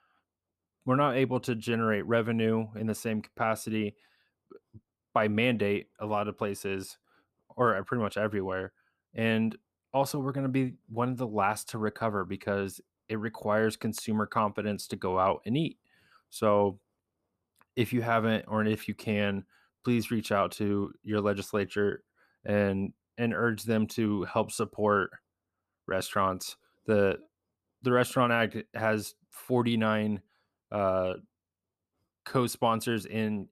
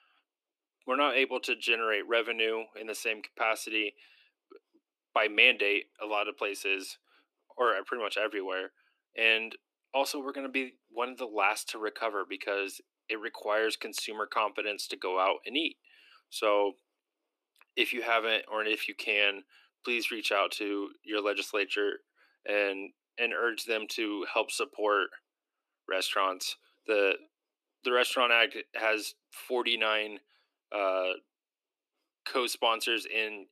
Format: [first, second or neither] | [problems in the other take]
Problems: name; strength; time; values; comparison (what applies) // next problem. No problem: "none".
first | thin; very; fading below 300 Hz